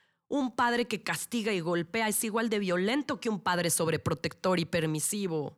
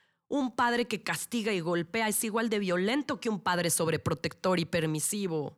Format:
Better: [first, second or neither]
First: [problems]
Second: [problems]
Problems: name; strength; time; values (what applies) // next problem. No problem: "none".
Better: neither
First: none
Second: none